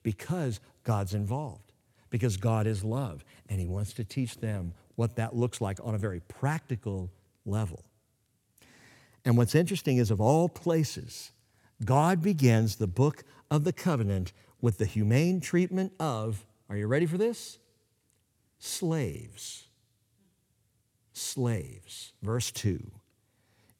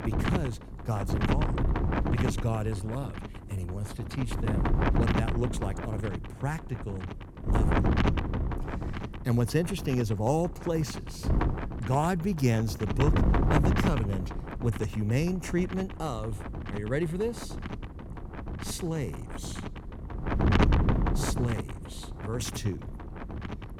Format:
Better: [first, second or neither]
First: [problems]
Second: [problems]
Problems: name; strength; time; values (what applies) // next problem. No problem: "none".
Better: first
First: none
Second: wind noise on the microphone; heavy; 1 dB below the speech